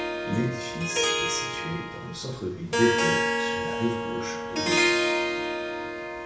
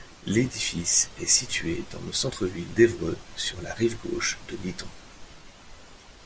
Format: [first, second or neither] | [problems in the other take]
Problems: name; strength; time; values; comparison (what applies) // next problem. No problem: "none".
second | background sound (Harp); 5 dB above the speech // room echo; dies away in 0.6 s